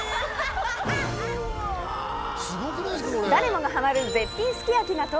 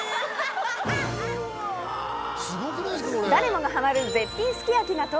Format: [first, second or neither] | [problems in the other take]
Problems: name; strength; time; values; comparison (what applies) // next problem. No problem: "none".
second | background sound (Stream / Trickle, dribble / Traffic noise, roadway noise); 14 dB below the speech